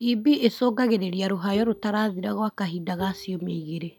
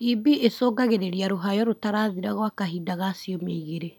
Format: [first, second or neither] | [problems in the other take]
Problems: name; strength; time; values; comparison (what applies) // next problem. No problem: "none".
second | noise reduction (neural mask model DeepFilterNet 3)